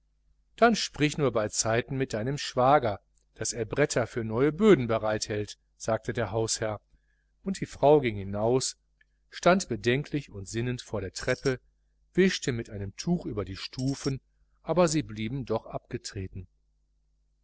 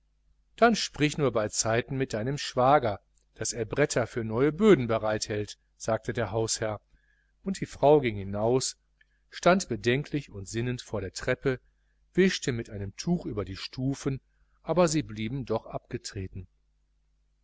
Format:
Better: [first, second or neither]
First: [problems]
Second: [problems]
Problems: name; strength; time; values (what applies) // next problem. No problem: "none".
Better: second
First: noise reduction (neural separator model SepFormer DNS4)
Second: none